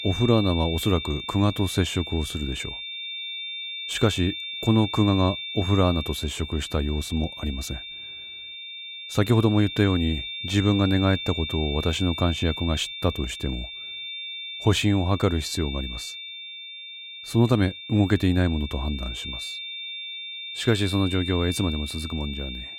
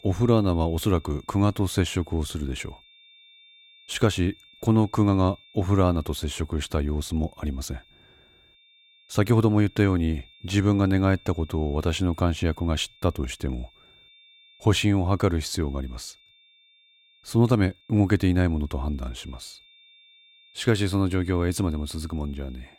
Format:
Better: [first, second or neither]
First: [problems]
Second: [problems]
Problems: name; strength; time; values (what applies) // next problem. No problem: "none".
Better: second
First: high-pitched whine; loud; throughout; 3.5 kHz, 8 dB below the speech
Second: high-pitched whine; faint; throughout; 3.5 kHz, 30 dB below the speech